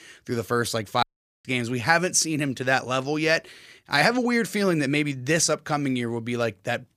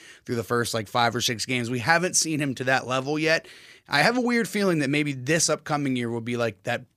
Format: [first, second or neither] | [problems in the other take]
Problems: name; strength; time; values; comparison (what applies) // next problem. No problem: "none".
second | audio cutting out; at 1 s